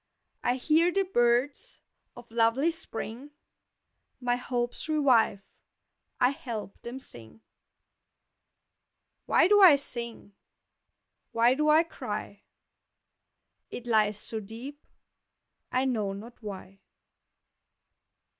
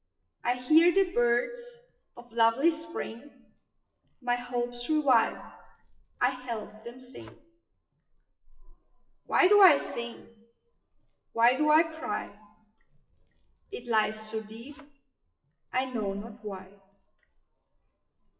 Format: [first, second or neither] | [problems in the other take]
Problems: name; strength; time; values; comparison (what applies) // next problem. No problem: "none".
first | noise reduction (classical method WPE with log-MMSE)